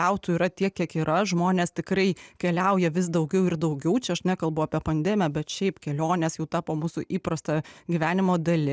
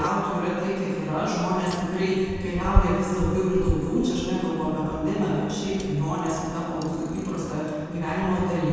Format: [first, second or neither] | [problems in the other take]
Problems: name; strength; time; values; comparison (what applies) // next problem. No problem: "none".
first | background sound (Bicycle); 7 dB below the speech // room echo; dies away in 2.1 s